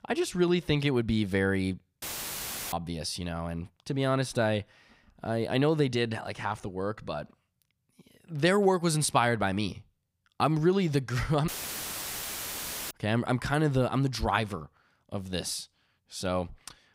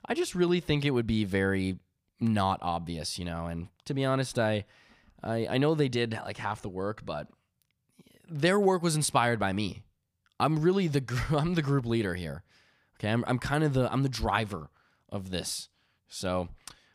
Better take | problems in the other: second | audio cutting out; filled with static; at 2 s for 0.5 s and at 11 s for 1.5 s

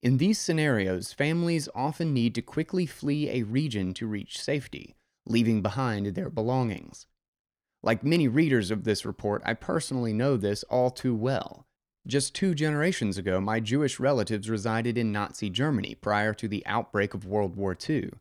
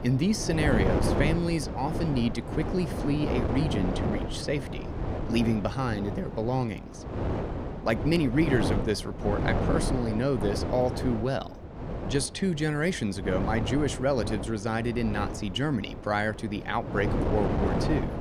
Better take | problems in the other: first | wind noise on the microphone; heavy; 4 dB below the speech

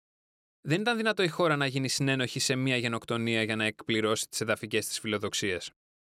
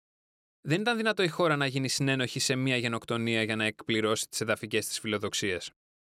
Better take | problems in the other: neither | none

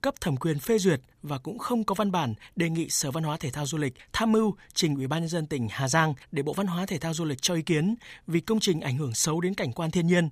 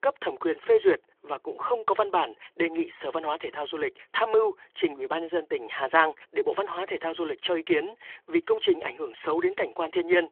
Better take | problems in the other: first | phone-call audio

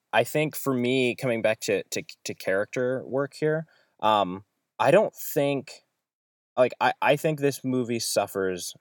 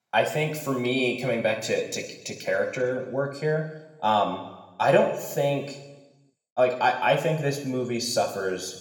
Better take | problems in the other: first | room echo; slight; dies away in 1 s // off-mic speech; somewhat distant

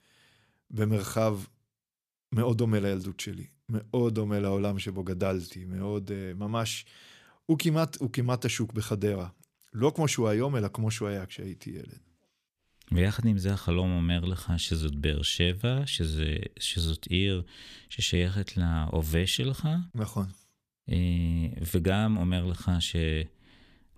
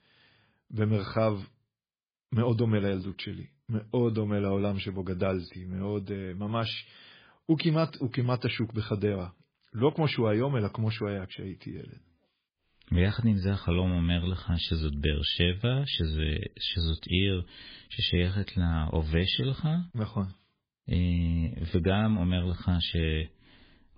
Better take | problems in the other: first | garbled, watery; badly

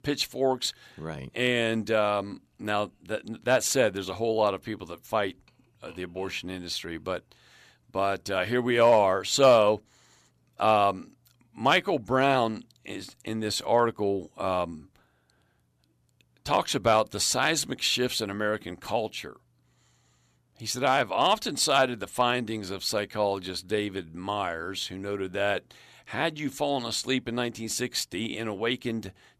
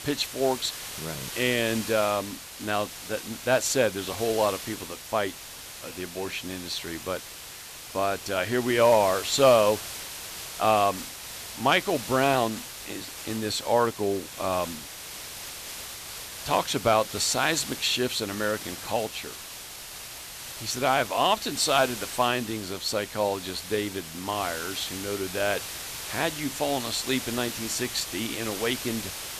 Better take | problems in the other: first | hiss; loud; throughout; 9 dB below the speech

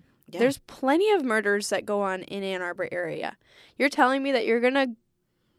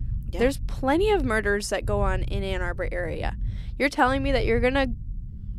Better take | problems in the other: first | low rumble; faint; throughout; 25 dB below the speech

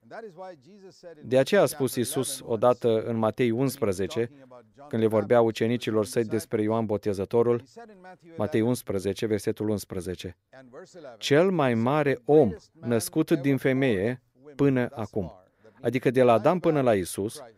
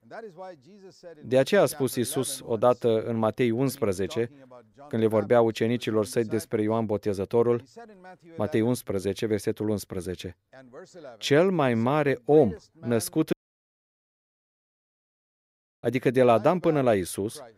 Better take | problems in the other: first | audio cutting out; at 13 s for 2.5 s

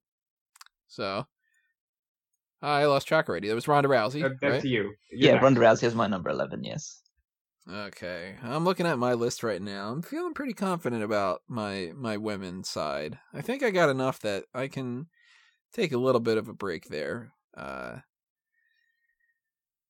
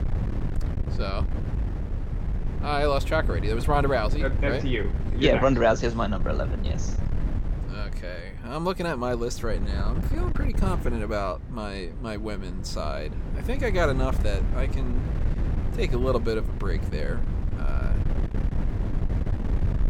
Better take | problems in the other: first | wind noise on the microphone; occasional gusts; 15 dB below the speech

